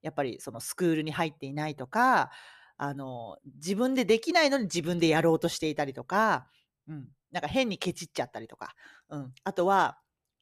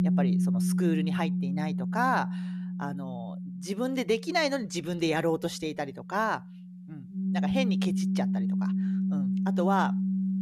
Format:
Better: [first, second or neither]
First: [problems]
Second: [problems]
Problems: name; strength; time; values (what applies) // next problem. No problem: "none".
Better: first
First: none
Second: background music; very loud; throughout; 2 dB above the speech